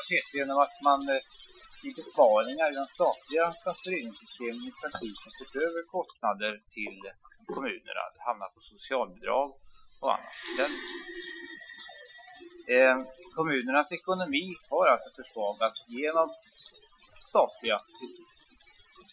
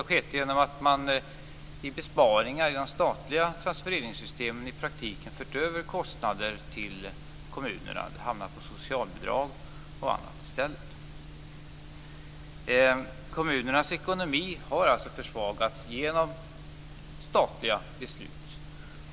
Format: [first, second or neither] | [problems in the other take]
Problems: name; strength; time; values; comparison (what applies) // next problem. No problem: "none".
second | noise reduction (classical method Wiener filter)